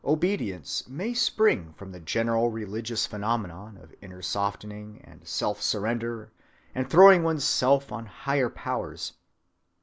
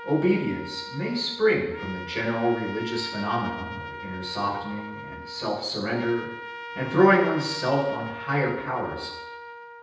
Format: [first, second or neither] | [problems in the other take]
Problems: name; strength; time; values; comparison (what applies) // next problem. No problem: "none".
first | background sound (Trumpet); 12 dB below the speech // room echo; dies away in 0.9 s